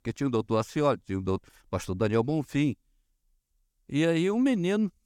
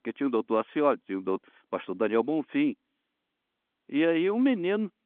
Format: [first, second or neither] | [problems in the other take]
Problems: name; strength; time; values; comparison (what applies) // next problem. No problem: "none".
first | phone-call audio; nothing above 3.5 kHz